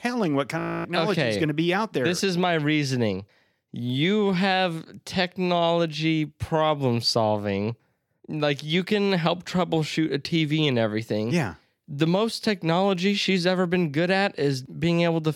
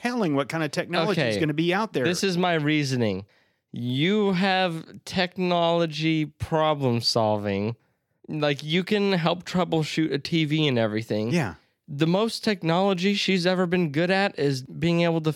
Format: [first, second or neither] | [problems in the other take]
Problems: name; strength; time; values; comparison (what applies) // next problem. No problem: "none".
second | audio freezing; at 0.5 s